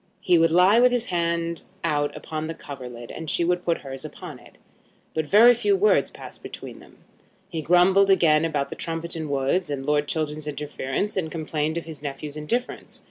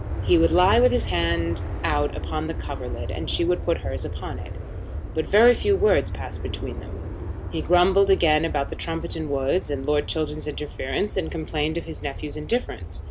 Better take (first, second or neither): first